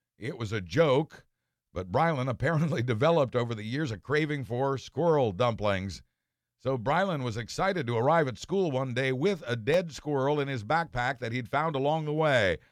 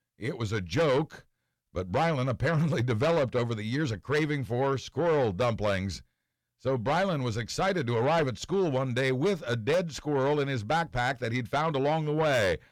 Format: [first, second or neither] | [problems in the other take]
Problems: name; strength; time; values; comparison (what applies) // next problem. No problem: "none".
first | distortion; slight; 10 dB below the speech